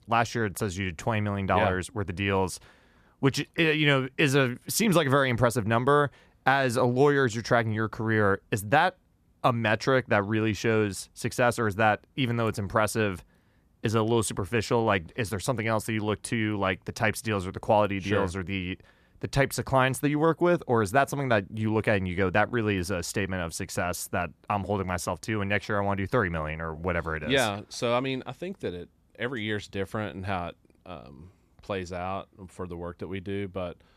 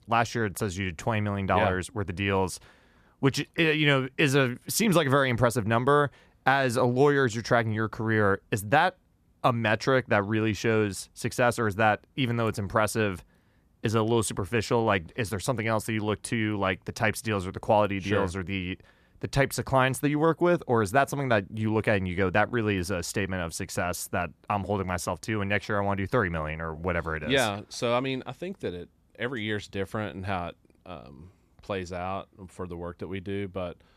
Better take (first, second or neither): neither